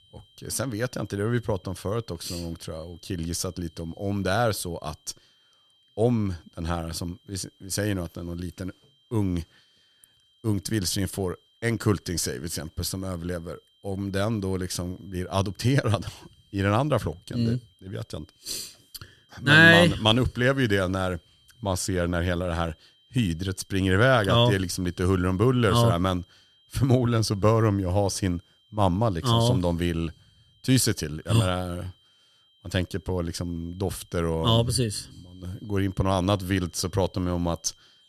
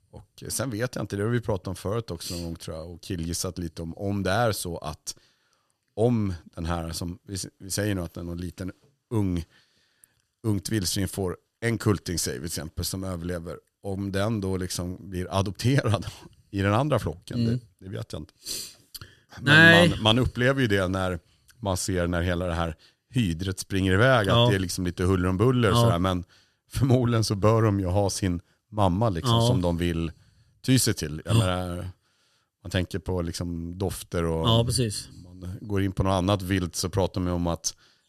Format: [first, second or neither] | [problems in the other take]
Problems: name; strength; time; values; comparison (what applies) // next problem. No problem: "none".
second | high-pitched whine; faint; throughout; 3 kHz, 35 dB below the speech